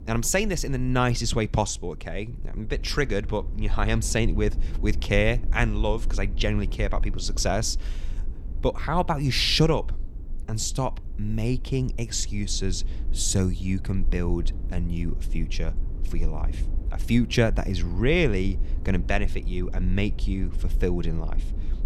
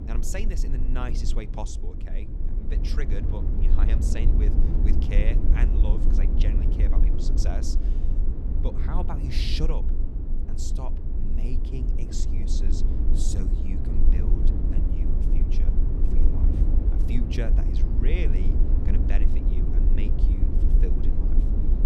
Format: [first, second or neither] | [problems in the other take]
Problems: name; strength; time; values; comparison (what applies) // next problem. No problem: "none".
first | low rumble; loud; throughout; 1 dB below the speech; faint in the first